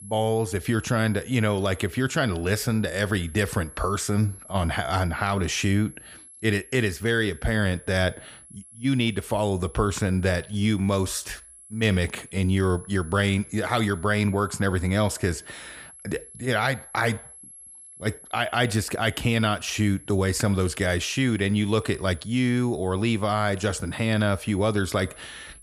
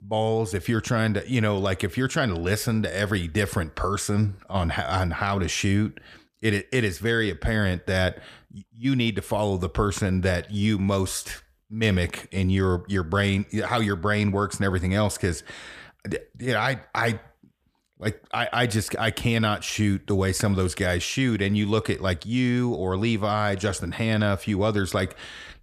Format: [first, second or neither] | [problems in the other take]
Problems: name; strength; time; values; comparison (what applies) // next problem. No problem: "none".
second | high-pitched whine; noticeable; throughout; 11 kHz, 20 dB below the speech